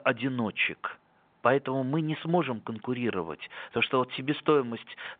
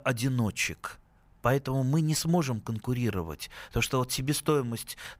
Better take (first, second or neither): second